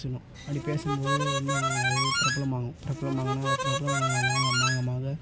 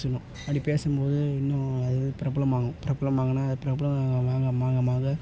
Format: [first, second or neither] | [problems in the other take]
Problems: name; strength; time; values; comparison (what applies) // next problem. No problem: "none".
second | background sound (Harmonica); 1 dB above the speech